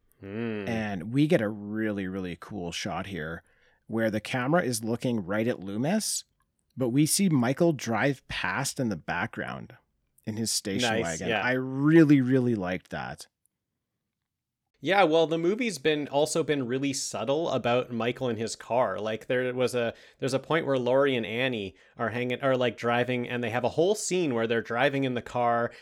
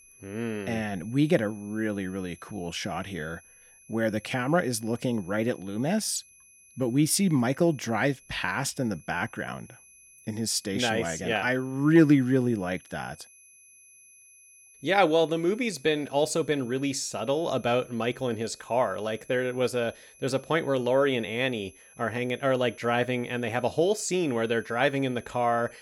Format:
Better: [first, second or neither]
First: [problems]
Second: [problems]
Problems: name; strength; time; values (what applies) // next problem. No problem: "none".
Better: first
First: none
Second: high-pitched whine; faint; throughout; 11 kHz, 25 dB below the speech